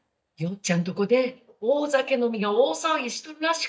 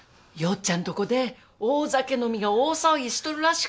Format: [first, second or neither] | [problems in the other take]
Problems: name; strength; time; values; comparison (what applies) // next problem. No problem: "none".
second | noise reduction (neural mask model DeepFilterNet 3)